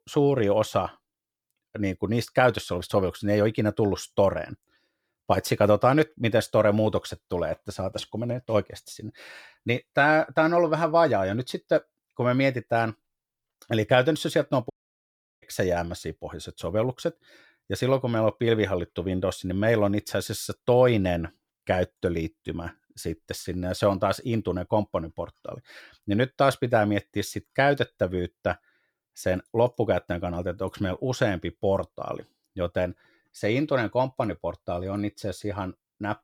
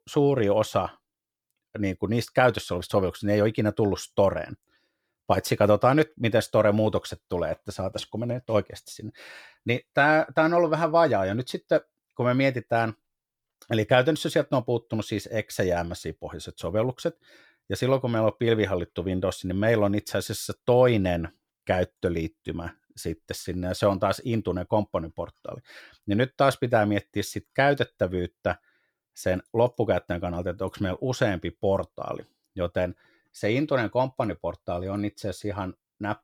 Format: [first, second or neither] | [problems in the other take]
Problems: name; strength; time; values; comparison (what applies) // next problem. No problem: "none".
second | audio cutting out; at 15 s for 0.5 s